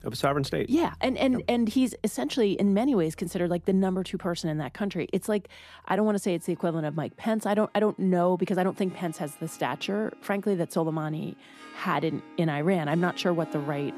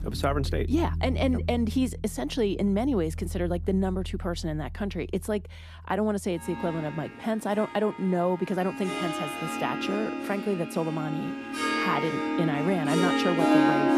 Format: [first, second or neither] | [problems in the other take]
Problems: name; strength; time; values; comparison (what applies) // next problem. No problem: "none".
first | background music; loud; throughout; 1 dB below the speech; faint in the first